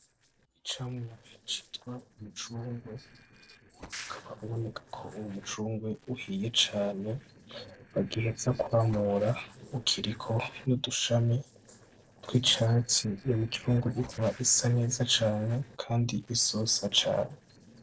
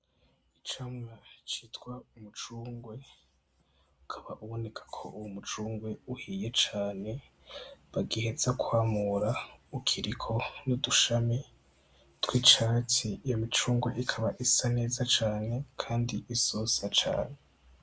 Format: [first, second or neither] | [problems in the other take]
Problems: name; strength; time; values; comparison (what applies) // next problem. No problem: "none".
second | noise reduction (neural separator model SepFormer DNS4)